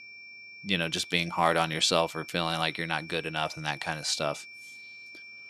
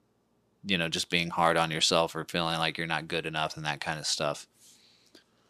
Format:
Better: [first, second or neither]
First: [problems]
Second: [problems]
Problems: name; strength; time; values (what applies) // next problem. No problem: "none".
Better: second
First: high-pitched whine; noticeable; throughout; 2.5 kHz, 15 dB below the speech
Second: none